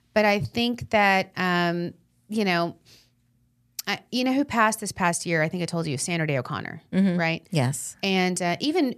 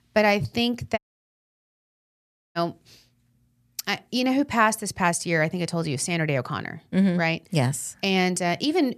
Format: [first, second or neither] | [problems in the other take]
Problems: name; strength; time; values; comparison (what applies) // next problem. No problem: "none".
first | audio cutting out; at 1 s for 1.5 s